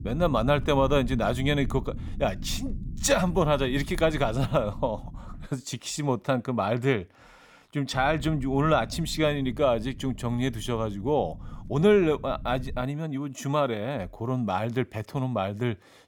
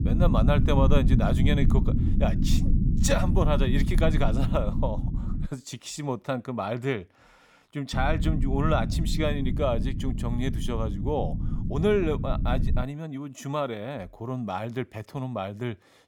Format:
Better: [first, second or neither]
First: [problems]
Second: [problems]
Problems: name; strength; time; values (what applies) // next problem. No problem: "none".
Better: first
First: low rumble; faint; until 5.5 s and from 8 to 13 s; 25 dB below the speech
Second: low rumble; loud; until 5.5 s and from 8 to 13 s; 8 dB below the speech